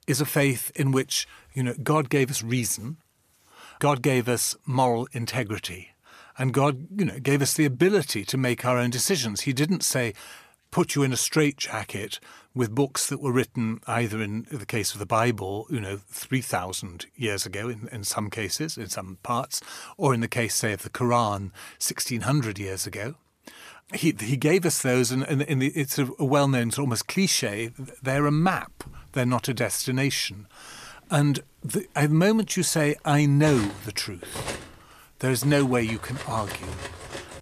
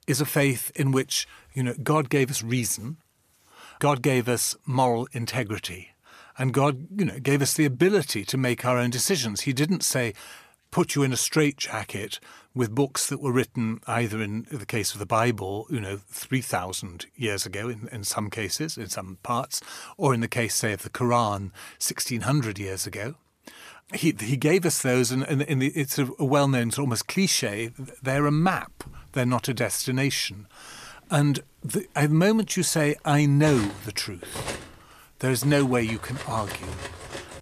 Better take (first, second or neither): neither